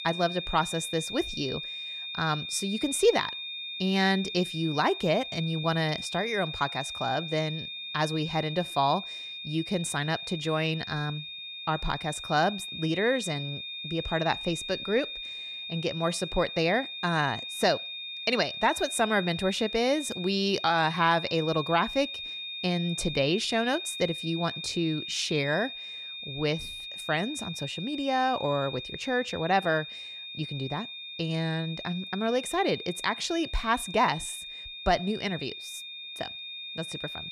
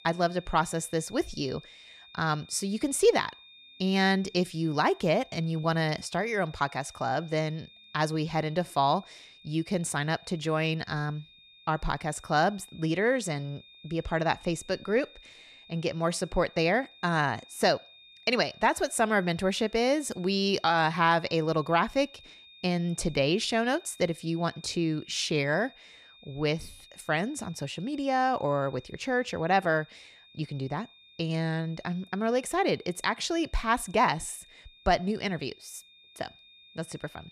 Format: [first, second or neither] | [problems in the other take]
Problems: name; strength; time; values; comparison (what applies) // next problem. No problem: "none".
second | high-pitched whine; loud; throughout; 3.5 kHz, 7 dB below the speech; faint in the second